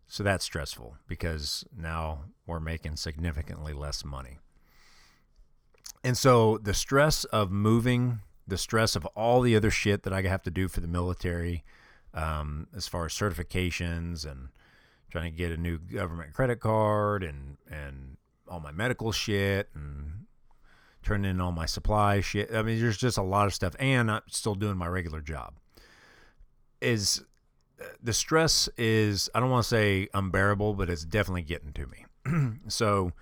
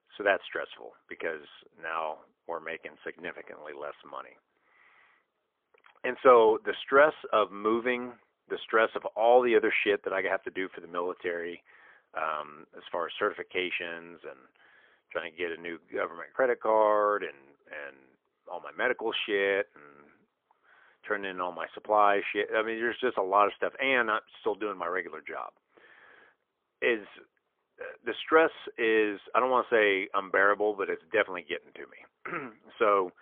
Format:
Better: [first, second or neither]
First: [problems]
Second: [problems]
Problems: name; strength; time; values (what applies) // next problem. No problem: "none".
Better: first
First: none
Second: phone-call audio; poor line; nothing above 3.5 kHz